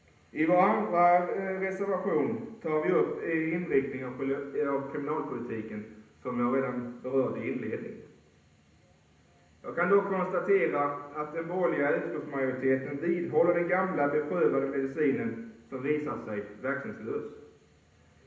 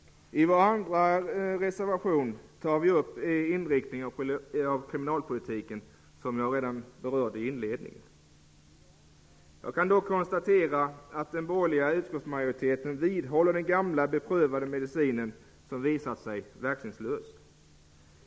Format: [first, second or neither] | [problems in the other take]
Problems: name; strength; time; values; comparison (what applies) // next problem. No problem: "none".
second | room echo; dies away in 0.8 s